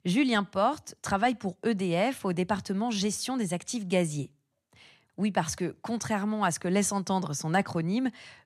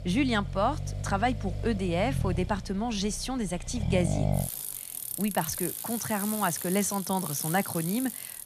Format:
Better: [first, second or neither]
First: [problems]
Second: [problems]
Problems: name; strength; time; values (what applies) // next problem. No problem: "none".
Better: first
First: none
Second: traffic noise; loud; throughout; 3 dB below the speech